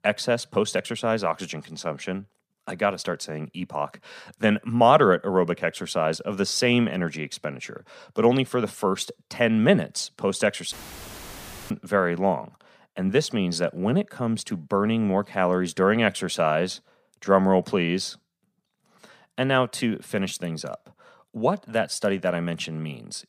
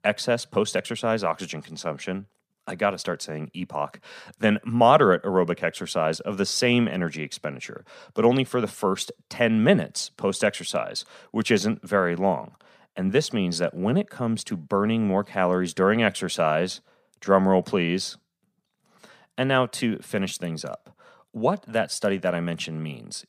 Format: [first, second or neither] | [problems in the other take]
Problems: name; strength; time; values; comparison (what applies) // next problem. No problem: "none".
second | audio cutting out; filled with static; at 11 s for 1 s